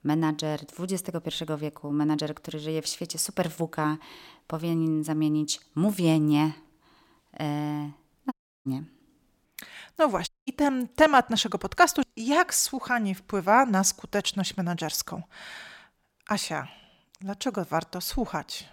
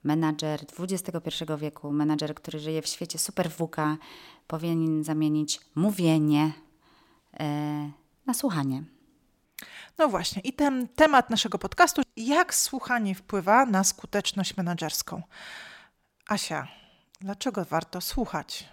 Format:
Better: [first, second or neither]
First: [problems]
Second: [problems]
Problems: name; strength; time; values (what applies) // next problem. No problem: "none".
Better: second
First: audio cutting out; at 8.5 s and at 10 s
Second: none